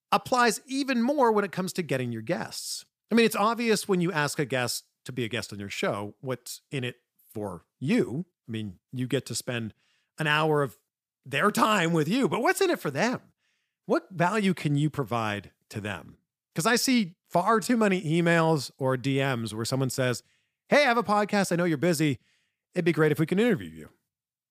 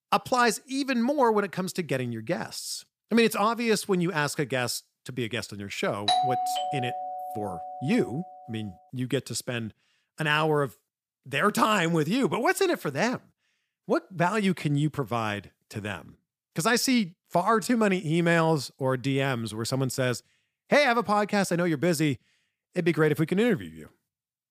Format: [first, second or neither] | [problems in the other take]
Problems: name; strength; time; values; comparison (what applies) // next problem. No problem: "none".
first | doorbell; loud; from 6 to 8 s; peak 2 dB above the speech